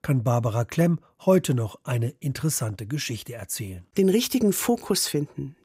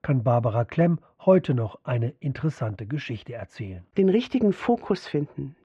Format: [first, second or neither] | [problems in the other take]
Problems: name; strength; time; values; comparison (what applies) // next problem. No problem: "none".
first | muffled; very; fading above 2.5 kHz